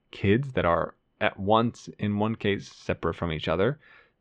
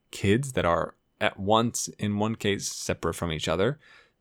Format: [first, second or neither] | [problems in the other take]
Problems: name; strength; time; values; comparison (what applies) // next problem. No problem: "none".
second | muffled; very; fading above 3 kHz